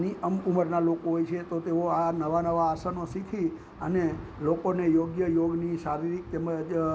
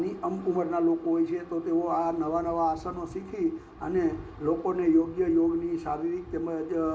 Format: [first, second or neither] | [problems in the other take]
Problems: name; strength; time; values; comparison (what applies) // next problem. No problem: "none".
first | room echo; dies away in 0.5 s